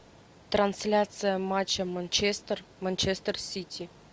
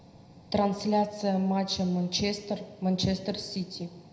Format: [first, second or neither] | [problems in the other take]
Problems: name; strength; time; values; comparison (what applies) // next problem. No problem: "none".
first | room echo; dies away in 0.7 s